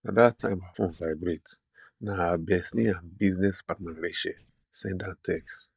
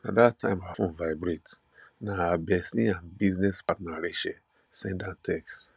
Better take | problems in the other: second | noise reduction (neural mask model DeepFilterNet 3)

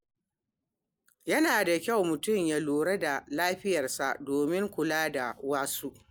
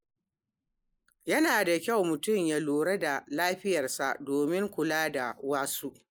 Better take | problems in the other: first | noise reduction (neural mask model Resemble Enhance denoiser)

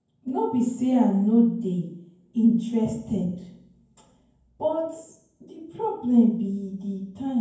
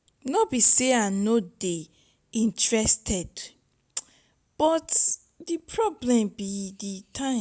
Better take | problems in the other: second | room echo; dies away in 0.9 s

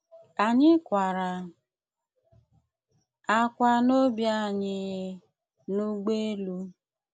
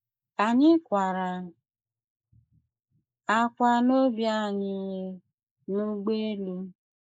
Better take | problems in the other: first | noise reduction (neural mask model Resemble Enhance denoiser)

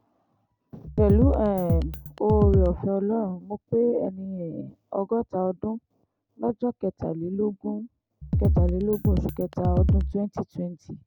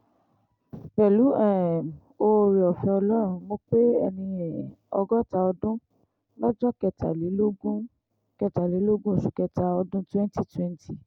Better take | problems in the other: second | background sound (Drum kit); 4 dB above the speech

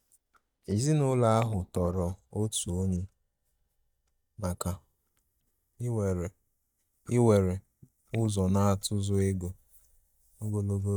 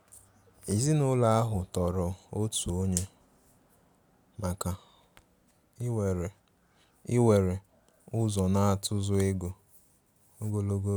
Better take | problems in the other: second | noise reduction (neural mask model DeepFilterNet 3)

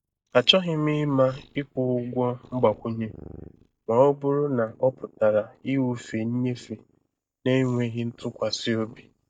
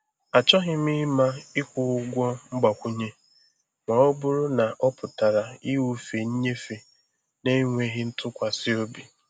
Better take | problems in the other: second | noise reduction (neural mask model DeepFilterNet 3)

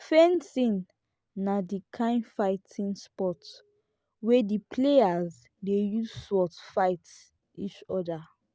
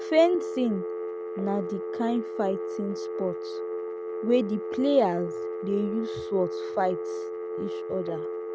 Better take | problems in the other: first | background sound (Telephone); 4 dB below the speech

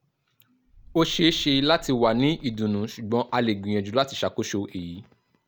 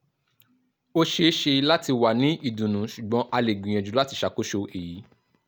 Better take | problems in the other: second | background sound (Wind); 19 dB below the speech

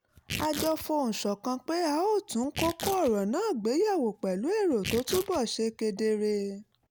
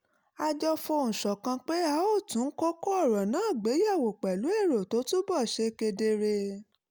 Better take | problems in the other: second | background sound (Tearing); 13 dB below the speech

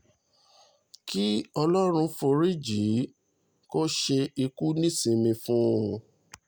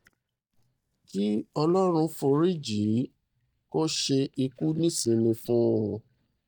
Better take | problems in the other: first | noise reduction (neural mask model DeepFilterNet 3)

